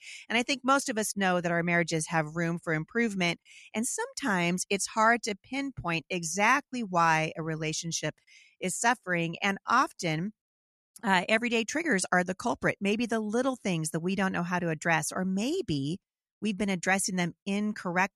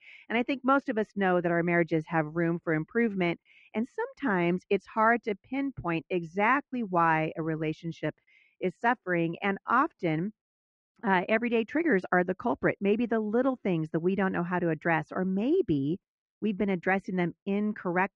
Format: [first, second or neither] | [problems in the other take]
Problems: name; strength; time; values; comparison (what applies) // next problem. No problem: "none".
first | muffled; very; fading above 2 kHz